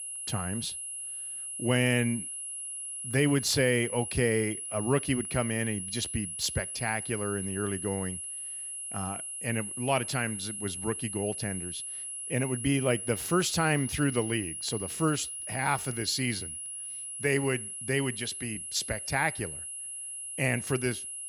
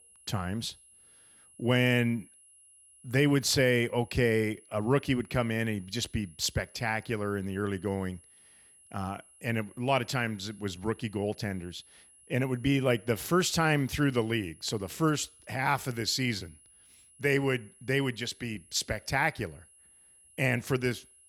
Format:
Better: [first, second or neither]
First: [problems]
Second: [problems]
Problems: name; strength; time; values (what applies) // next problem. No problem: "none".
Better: second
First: high-pitched whine; loud; throughout; 10.5 kHz, 5 dB below the speech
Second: high-pitched whine; faint; throughout; 10.5 kHz, 25 dB below the speech